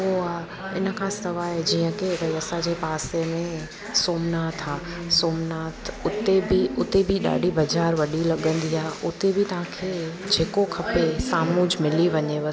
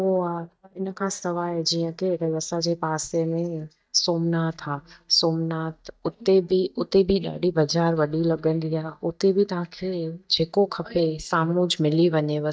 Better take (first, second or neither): first